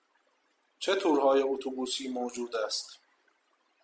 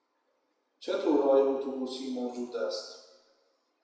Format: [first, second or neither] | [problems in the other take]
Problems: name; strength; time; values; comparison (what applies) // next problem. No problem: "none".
first | room echo; dies away in 1 s